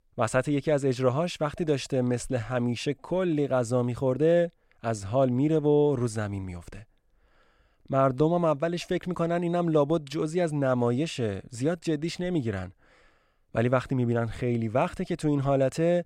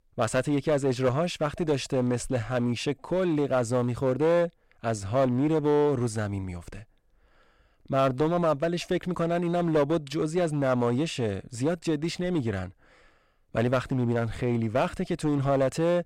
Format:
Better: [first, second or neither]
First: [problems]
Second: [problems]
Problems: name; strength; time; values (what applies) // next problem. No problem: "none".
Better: first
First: none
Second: distortion; slight; 7% of the sound clipped